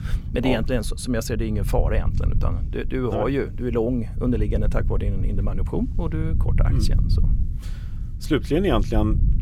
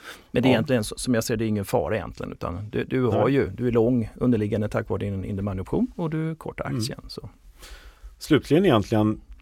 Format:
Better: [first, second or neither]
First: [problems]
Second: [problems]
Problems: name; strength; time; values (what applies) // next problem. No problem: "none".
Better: second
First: low rumble; noticeable; throughout; 15 dB below the speech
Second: none